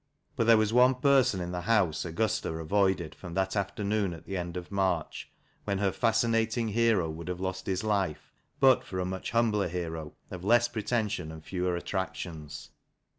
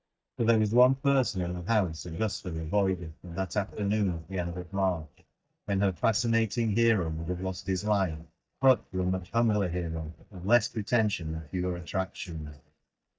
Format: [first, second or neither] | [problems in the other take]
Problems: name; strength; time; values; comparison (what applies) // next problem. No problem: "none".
first | noise reduction (neural mask model DeepFilterNet 3)